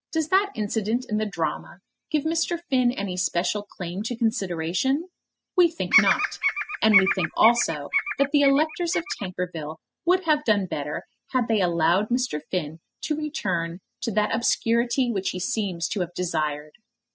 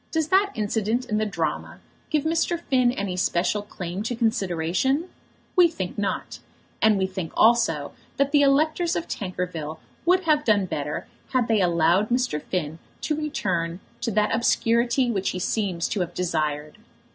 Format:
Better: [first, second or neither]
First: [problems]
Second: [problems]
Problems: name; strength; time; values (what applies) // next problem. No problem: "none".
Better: second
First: noise reduction (classical method spectral subtraction)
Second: none